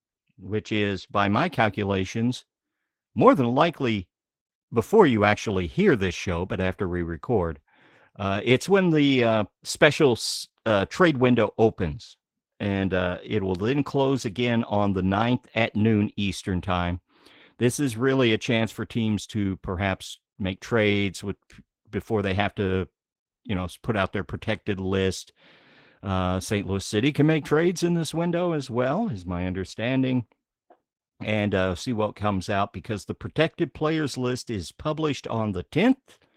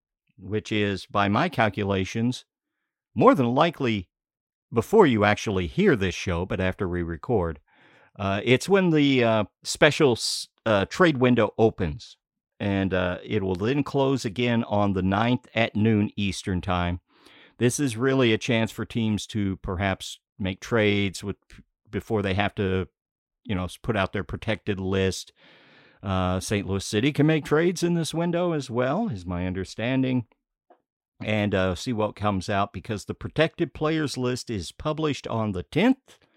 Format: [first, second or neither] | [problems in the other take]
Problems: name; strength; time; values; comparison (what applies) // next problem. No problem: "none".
second | garbled, watery; slightly; nothing above 16 kHz